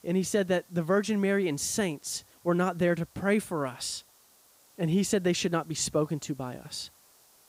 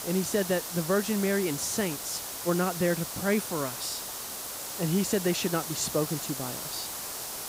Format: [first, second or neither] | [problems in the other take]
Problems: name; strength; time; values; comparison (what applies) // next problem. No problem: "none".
first | hiss; loud; throughout; 5 dB below the speech; faint in the first